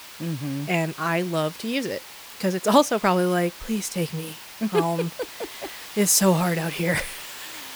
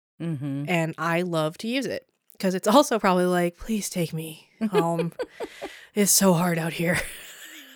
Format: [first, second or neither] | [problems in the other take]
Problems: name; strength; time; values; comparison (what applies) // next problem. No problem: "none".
second | hiss; noticeable; throughout; 15 dB below the speech